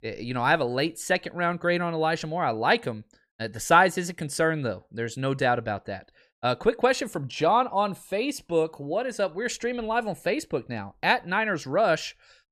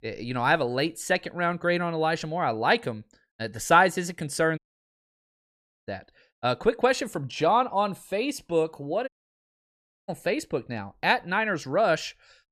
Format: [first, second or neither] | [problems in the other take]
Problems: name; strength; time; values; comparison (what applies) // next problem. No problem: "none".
first | audio cutting out; at 4.5 s for 1.5 s and at 9 s for 1 s